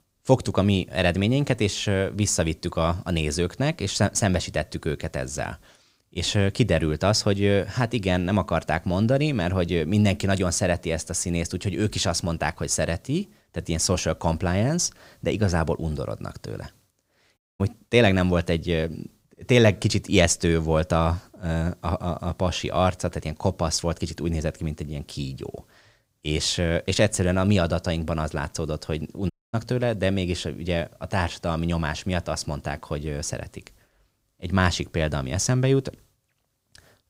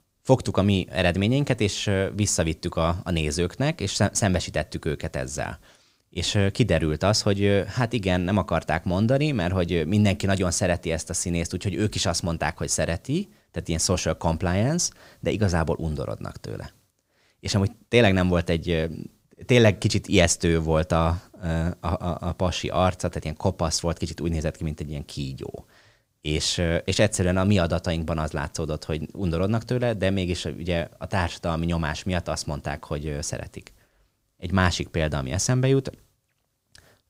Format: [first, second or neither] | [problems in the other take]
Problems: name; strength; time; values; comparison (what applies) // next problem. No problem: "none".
second | audio cutting out; at 17 s and at 29 s